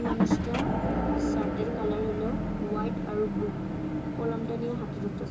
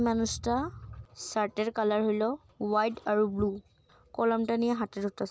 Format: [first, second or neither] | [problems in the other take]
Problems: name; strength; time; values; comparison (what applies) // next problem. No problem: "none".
second | background sound (Motor vehicle (road) / Engine); 5 dB above the speech // room echo; dies away in 0.2 s